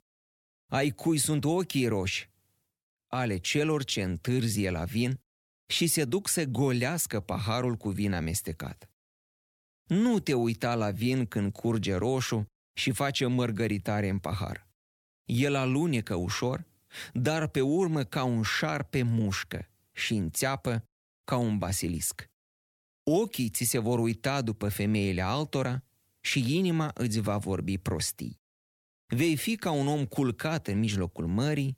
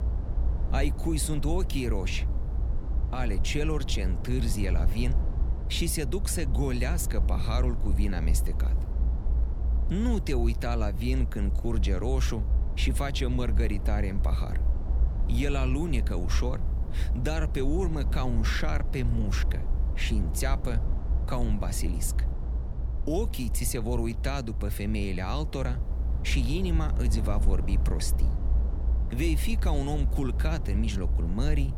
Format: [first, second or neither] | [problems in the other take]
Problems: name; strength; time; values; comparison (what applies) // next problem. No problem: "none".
first | low rumble; noticeable; throughout; 10 dB below the speech